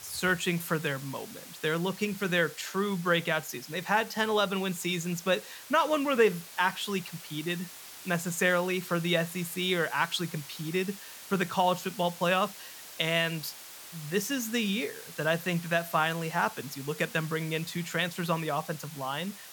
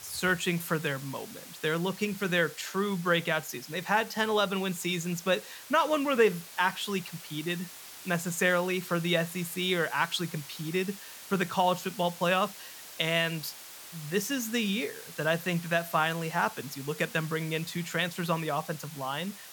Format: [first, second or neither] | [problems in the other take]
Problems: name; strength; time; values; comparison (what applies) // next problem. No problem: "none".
neither | hiss; noticeable; throughout; 15 dB below the speech; the same in both